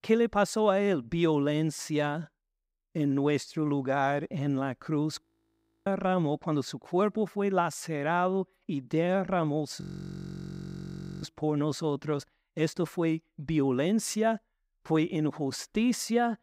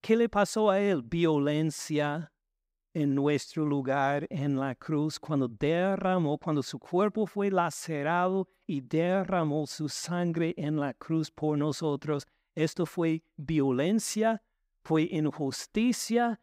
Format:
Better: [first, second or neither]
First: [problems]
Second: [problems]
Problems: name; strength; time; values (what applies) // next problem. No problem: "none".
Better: second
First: audio freezing; at 5 s for 0.5 s and at 10 s for 1.5 s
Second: none